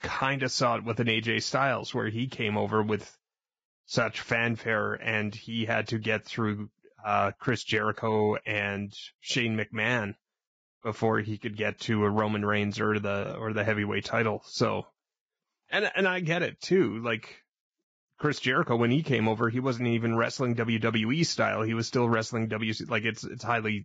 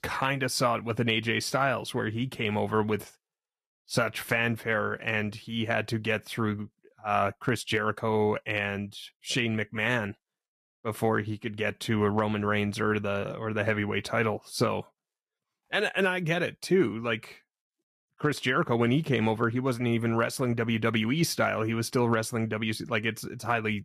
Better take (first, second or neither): second